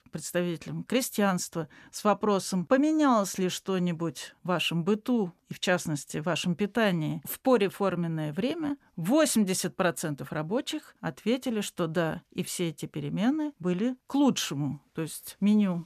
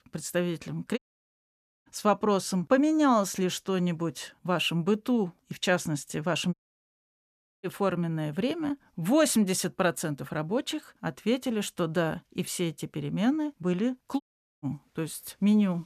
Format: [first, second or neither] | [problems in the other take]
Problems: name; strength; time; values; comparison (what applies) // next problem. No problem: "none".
first | audio cutting out; at 1 s for 1 s, at 6.5 s for 1 s and at 14 s